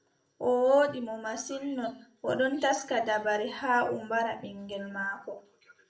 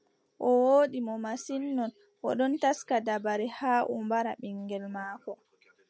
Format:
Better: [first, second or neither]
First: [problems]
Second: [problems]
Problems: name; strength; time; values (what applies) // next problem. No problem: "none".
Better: second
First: room echo; dies away in 0.4 s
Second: none